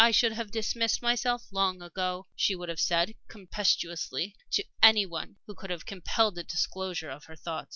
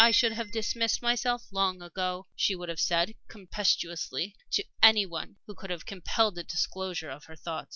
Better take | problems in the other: first | background sound (Bicycle bell); 16 dB below the speech

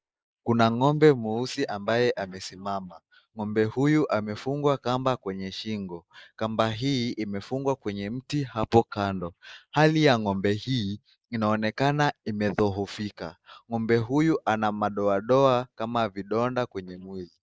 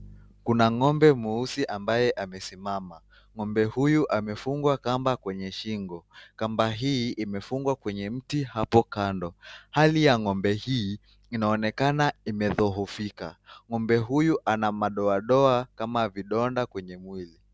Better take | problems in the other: second | noise reduction (neural mask model Resemble Enhance denoiser)

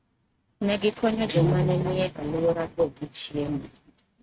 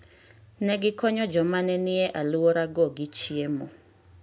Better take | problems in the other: second | noise reduction (neural mask model RNNoise)

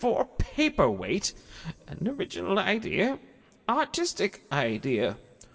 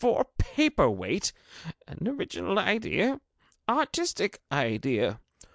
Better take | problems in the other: second | room echo; dies away in 1.9 s

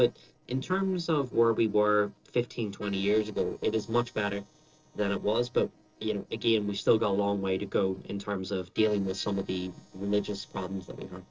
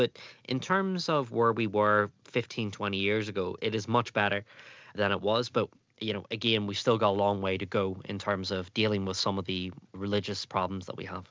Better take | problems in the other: second | noise reduction (neural separator model SepFormer DNS4)

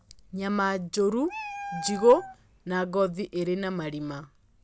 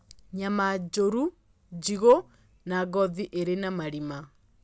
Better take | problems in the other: second | background sound (Meow); 14 dB below the speech

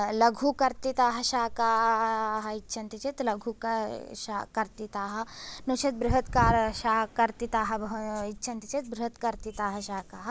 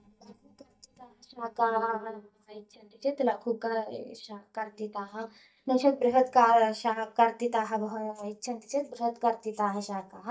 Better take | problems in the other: first | noise reduction (neural mask model DeepFilterNet 3)

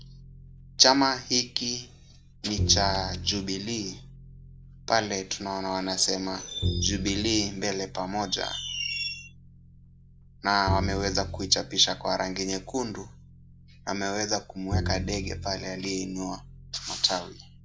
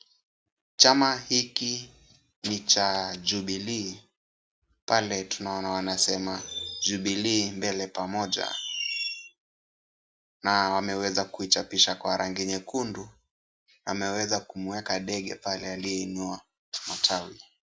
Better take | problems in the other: second | background sound (Bowed string instrument); 8 dB below the speech

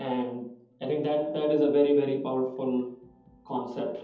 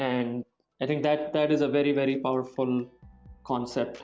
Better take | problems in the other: second | room echo; dies away in 0.7 s

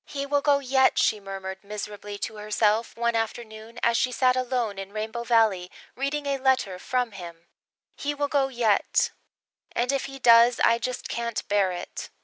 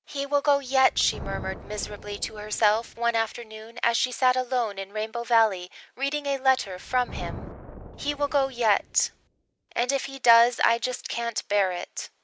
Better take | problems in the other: first | background sound (Thunder); 17 dB below the speech

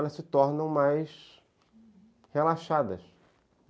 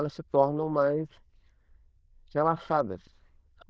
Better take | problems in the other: first | noise reduction (neural diffusion model UNIVERSE++)

